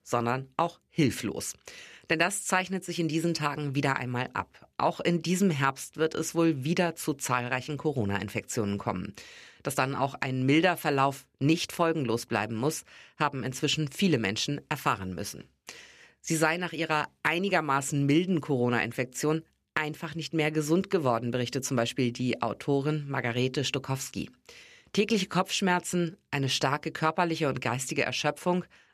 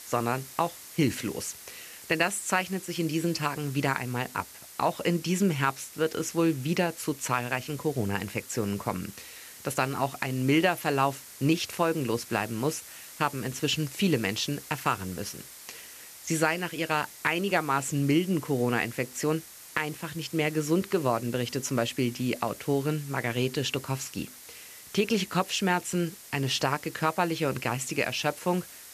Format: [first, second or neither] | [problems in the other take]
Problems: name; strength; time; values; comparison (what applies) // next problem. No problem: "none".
first | hiss; noticeable; throughout; 15 dB below the speech